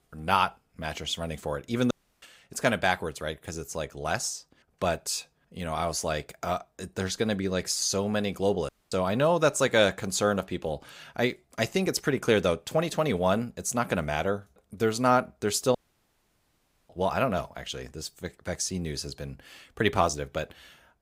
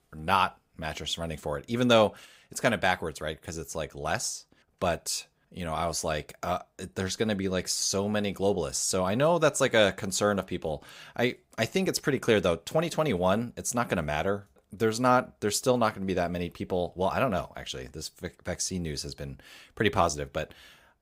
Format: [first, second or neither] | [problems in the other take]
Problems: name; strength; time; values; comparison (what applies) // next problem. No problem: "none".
second | audio cutting out; at 2 s, at 8.5 s and at 16 s for 1 s